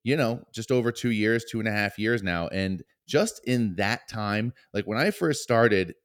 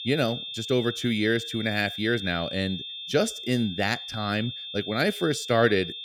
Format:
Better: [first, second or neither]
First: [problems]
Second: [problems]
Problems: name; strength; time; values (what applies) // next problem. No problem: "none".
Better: first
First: none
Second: high-pitched whine; loud; throughout; 3.5 kHz, 8 dB below the speech